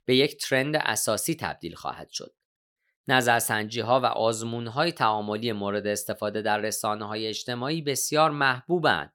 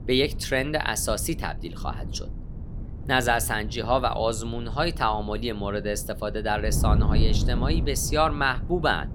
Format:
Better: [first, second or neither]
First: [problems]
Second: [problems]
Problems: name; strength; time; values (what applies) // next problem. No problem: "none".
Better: first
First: none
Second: wind noise on the microphone; occasional gusts; 15 dB below the speech